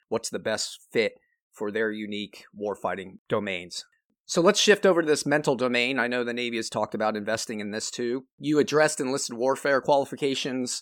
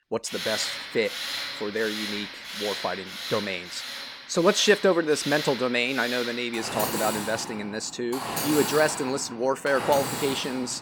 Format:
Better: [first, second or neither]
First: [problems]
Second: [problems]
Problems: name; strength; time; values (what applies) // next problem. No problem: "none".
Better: first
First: none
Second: machinery noise; loud; throughout; 6 dB below the speech